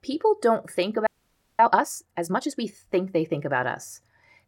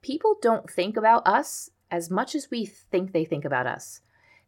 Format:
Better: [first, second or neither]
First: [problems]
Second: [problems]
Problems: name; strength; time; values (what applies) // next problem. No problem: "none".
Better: second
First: audio freezing; at 1 s for 0.5 s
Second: none